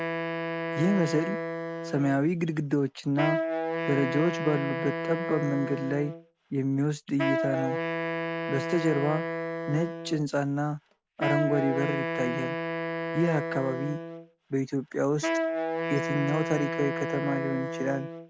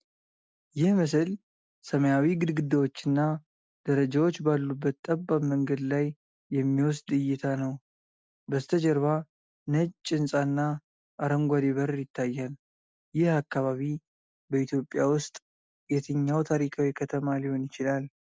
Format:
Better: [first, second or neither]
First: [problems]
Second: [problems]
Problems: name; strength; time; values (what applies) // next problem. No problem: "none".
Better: second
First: background sound (Wind instrument, woodwind instrument); 3 dB below the speech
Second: none